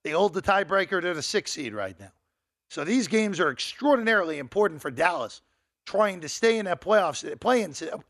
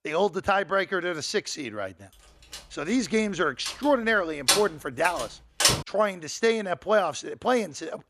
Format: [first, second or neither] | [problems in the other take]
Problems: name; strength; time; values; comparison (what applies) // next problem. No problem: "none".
first | door banging; loud; from 3.5 to 6 s; peak 5 dB above the speech